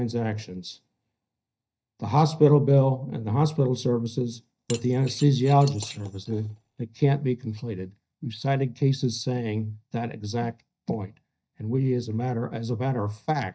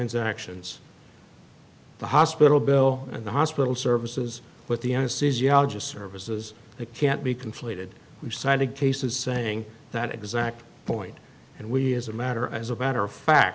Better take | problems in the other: second | noise reduction (neural mask model DeepFilterNet 3)

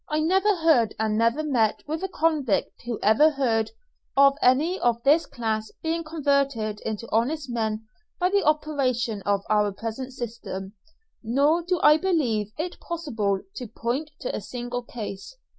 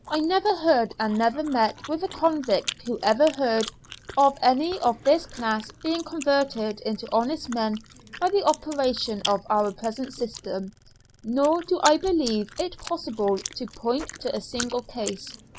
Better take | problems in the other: first | background sound (Chewing, mastication); 15 dB below the speech

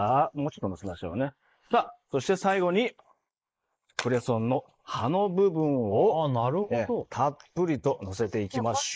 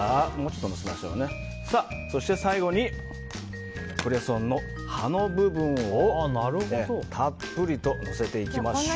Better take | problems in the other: second | noise reduction (neural mask model Resemble Enhance denoiser)

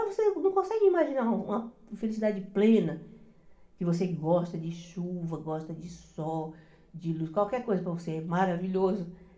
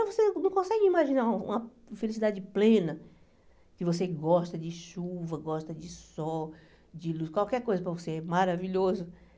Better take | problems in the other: second | room echo; dies away in 0.8 s

